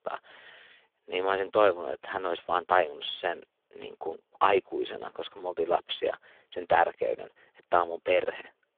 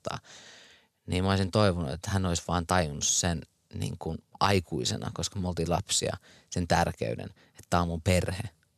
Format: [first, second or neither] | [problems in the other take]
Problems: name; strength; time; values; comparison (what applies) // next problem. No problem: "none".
second | phone-call audio; poor line; nothing above 3.5 kHz